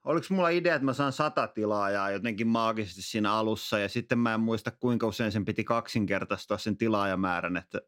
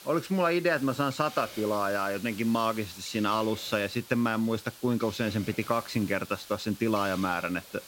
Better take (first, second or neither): first